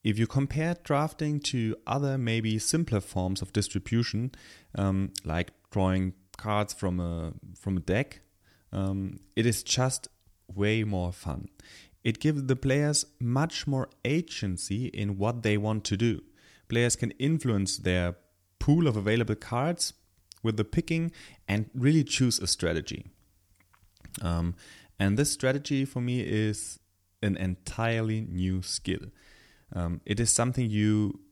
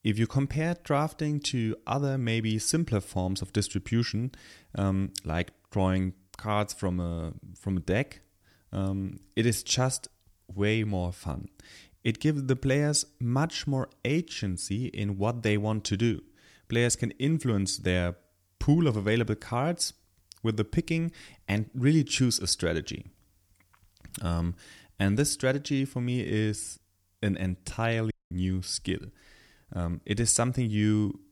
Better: first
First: none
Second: audio cutting out; at 28 s

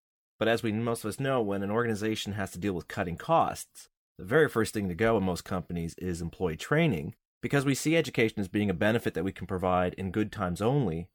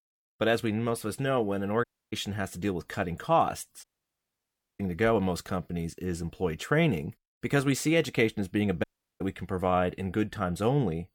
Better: first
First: none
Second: audio cutting out; at 2 s, at 4 s for 1 s and at 9 s

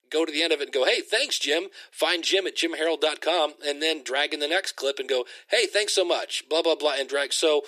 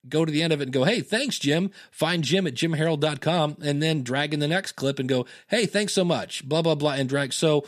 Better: second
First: thin; very; fading below 350 Hz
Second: none

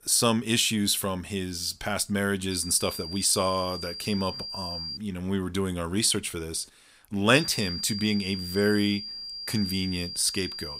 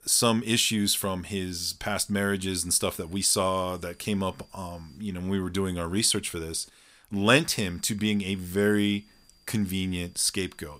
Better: second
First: high-pitched whine; loud; from 2.5 to 5 s and from 7.5 s on; 5 kHz, 8 dB below the speech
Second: high-pitched whine; faint; from 2.5 to 5 s and from 7.5 s on; 5 kHz, 35 dB below the speech

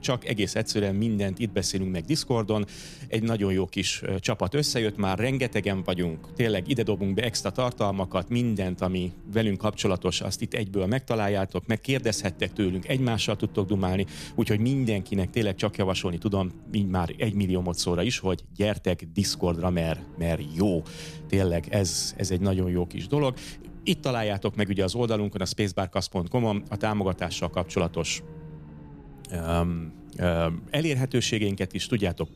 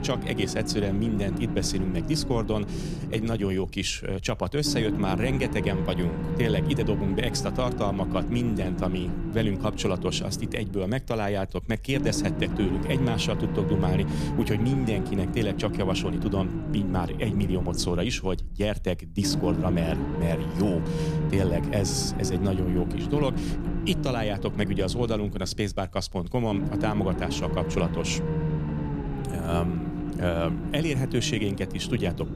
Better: first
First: low rumble; faint; throughout; 20 dB below the speech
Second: low rumble; loud; throughout; 6 dB below the speech

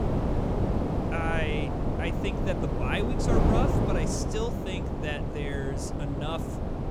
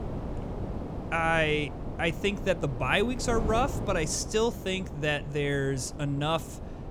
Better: second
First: wind noise on the microphone; heavy; 1 dB above the speech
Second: wind noise on the microphone; occasional gusts; 15 dB below the speech

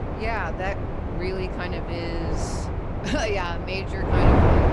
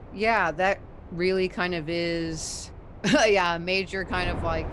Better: second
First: wind noise on the microphone; heavy; 1 dB above the speech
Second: wind noise on the microphone; occasional gusts; 20 dB below the speech

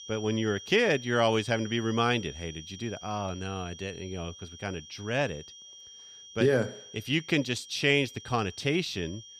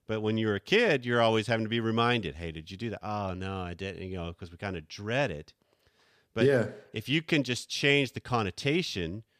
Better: second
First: high-pitched whine; noticeable; throughout; 3 kHz, 15 dB below the speech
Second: none

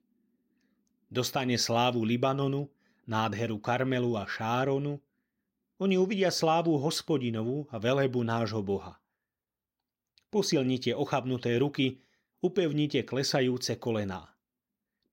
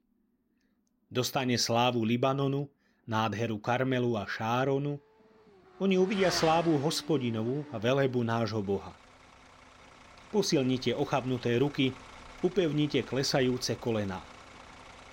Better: first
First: none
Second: traffic noise; noticeable; throughout; 15 dB below the speech

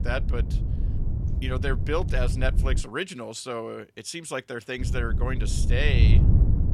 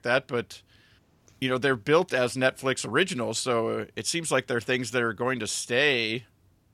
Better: second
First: wind noise on the microphone; heavy; until 3 s and from 5 s on; 8 dB below the speech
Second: none

